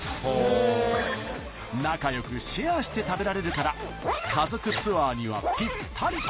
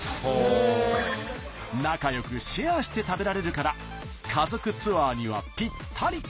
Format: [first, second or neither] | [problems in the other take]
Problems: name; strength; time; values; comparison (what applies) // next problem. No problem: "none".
second | background sound (Zipper (clothing)); 8 dB below the speech